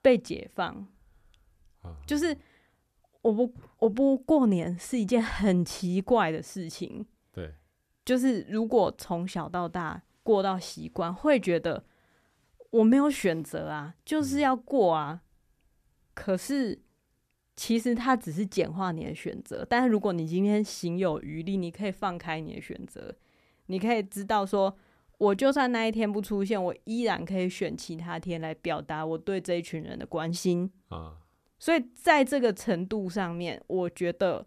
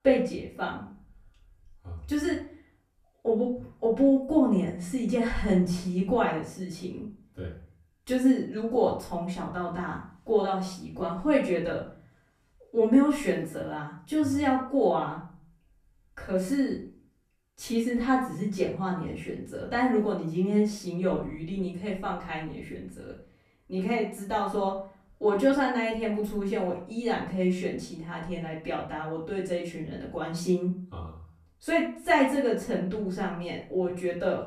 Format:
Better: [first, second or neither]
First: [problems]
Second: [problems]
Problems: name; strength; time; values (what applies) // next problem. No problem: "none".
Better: first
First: none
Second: off-mic speech; far // room echo; slight; dies away in 0.4 s